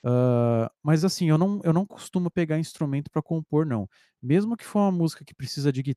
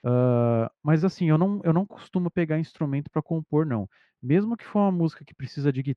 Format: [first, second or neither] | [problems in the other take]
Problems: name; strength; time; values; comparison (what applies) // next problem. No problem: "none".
first | muffled; slightly; fading above 2.5 kHz